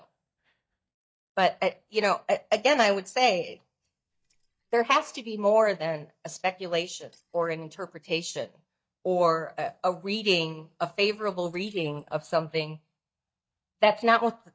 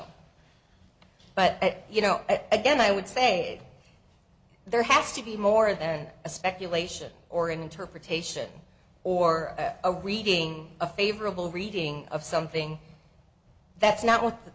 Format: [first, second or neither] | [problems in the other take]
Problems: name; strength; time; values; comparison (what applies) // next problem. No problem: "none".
second | noise reduction (neural mask model DeepFilterNet 3)